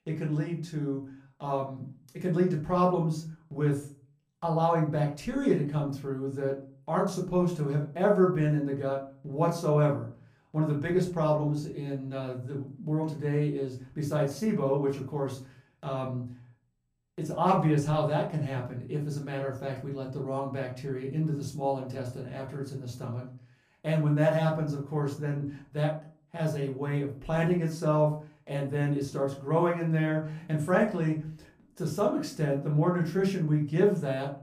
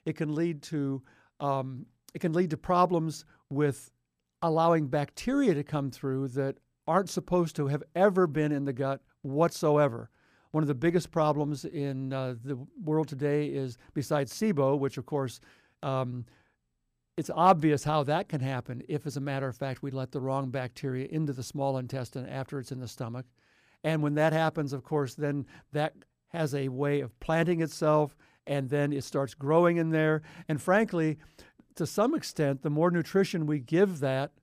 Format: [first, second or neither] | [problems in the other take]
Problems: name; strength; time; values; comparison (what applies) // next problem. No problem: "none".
second | off-mic speech; far // room echo; slight; dies away in 0.3 s